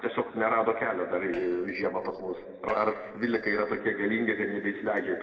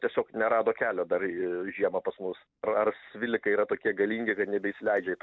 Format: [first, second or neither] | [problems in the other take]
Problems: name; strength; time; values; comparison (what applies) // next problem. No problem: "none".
second | noise reduction (neural separator model SepFormer DNS4)